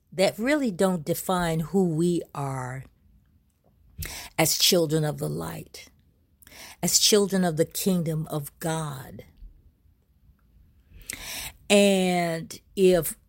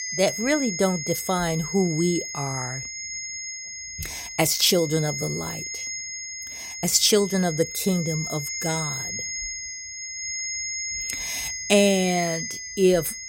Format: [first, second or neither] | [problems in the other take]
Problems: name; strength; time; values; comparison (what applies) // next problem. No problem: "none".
first | high-pitched whine; loud; throughout; 6.5 kHz, 6 dB below the speech